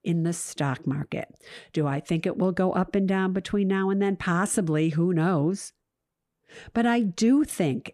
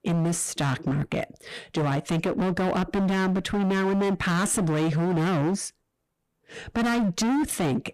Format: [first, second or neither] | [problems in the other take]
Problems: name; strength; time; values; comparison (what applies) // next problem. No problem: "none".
first | distortion; heavy; 28% of the sound clipped